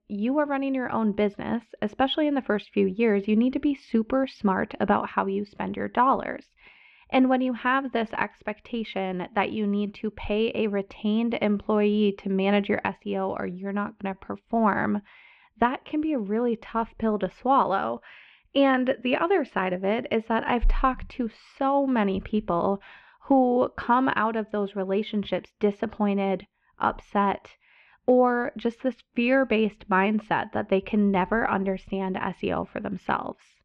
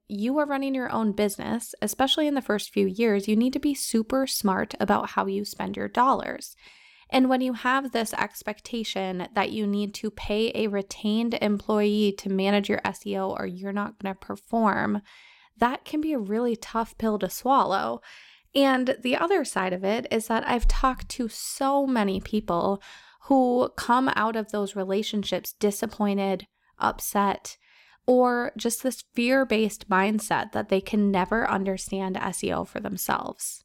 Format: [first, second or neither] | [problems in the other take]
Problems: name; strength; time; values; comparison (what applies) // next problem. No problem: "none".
second | muffled; very; fading above 2.5 kHz